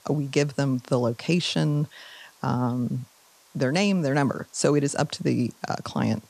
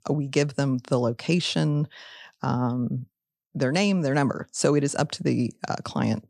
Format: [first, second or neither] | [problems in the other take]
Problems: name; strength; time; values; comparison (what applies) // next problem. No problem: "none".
second | hiss; faint; throughout; 30 dB below the speech